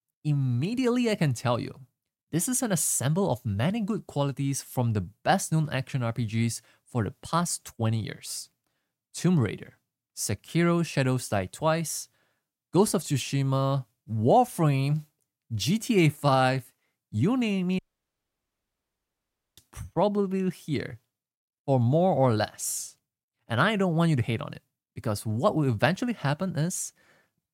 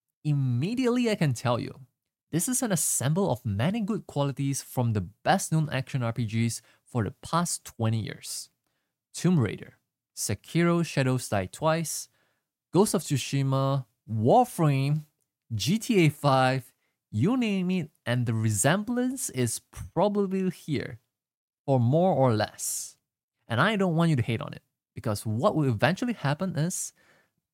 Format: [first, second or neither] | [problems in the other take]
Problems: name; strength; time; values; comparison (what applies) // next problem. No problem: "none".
second | audio cutting out; at 18 s for 2 s